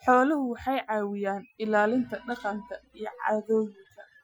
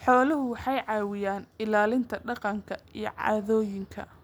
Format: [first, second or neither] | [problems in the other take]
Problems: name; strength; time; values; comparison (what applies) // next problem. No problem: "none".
second | noise reduction (classical method Wiener filter)